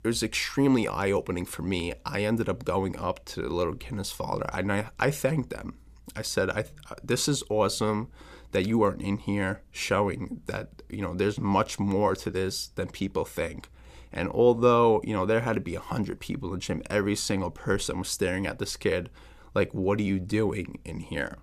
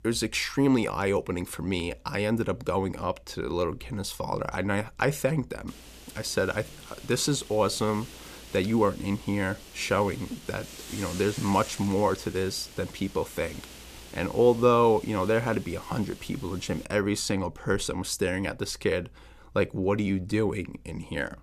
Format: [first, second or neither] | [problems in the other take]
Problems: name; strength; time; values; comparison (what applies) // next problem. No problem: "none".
first | hiss; noticeable; from 5.5 to 17 s; 15 dB below the speech